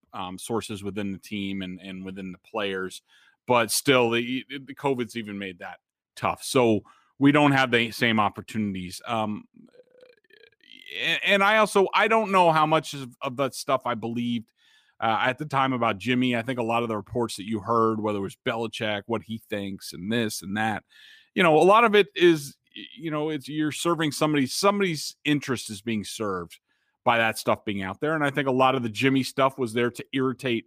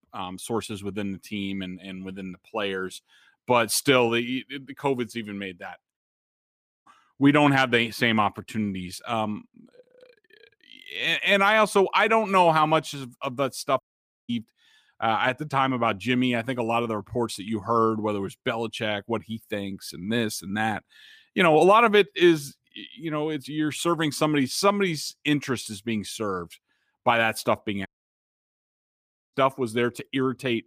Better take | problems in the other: first | audio cutting out; at 6 s for 1 s, at 14 s and at 28 s for 1.5 s

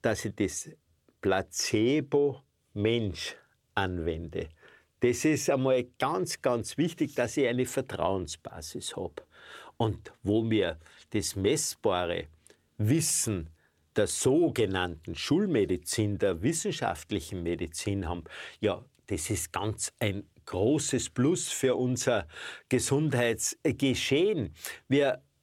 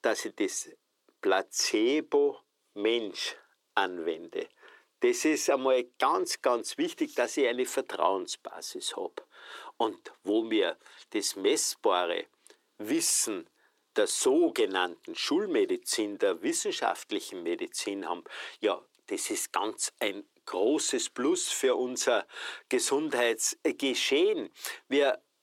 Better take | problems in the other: first | thin; somewhat; fading below 300 Hz

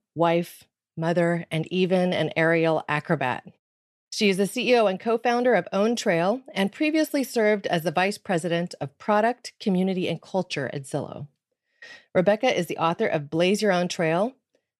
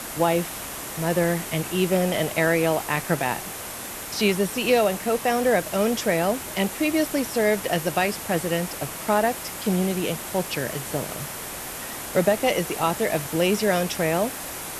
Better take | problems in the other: first | hiss; loud; throughout; 8 dB below the speech

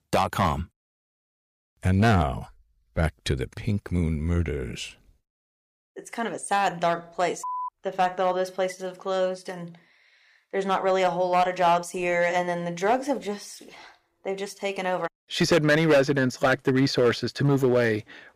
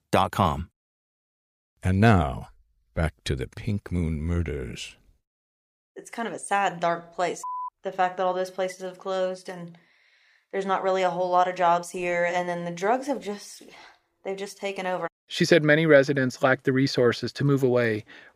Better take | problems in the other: second | distortion; slight; 2% of the sound clipped

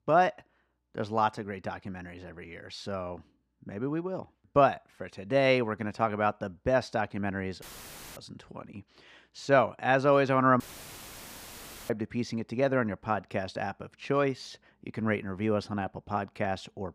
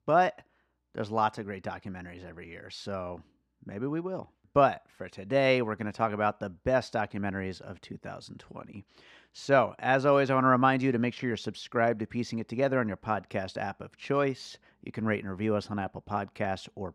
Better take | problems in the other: second | audio cutting out; filled with static; at 7.5 s for 0.5 s and at 11 s for 1.5 s

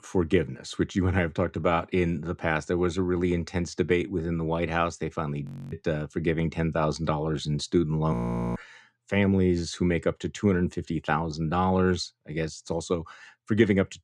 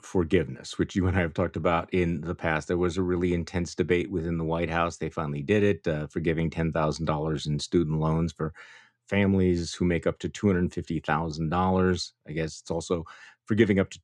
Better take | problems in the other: second | audio freezing; at 5.5 s and at 8 s

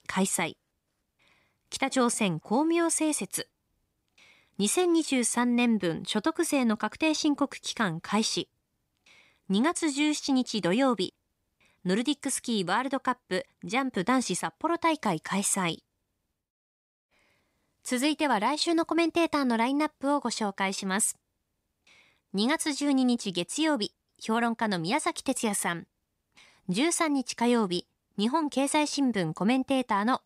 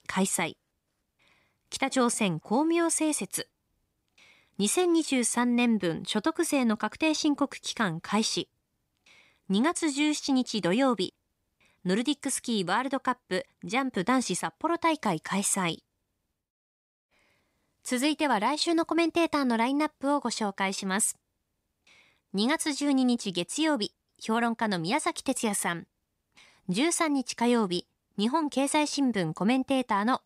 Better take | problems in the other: neither | none

